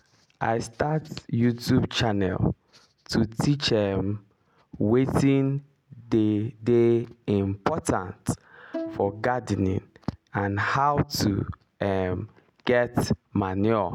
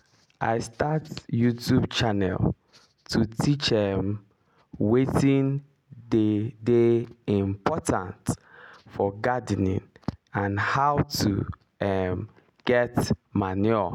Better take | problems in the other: second | background sound (Bowed string instrument); 14 dB below the speech

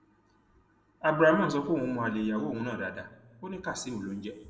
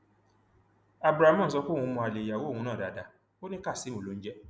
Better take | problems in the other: second | room echo; dies away in 0.9 s

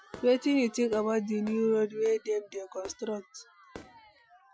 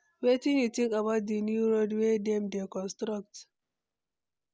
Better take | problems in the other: second | noise reduction (classical method Wiener filter)

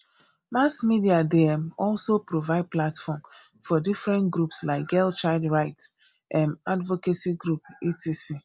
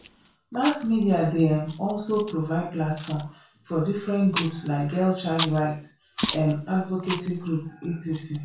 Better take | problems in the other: first | background sound (Chewing, mastication); 12 dB below the speech // room echo; dies away in 0.4 s

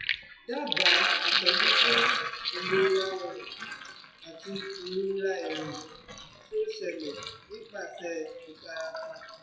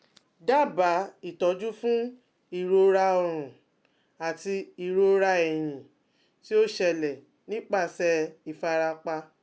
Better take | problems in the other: second | noise reduction (classical method WPE with log-MMSE)

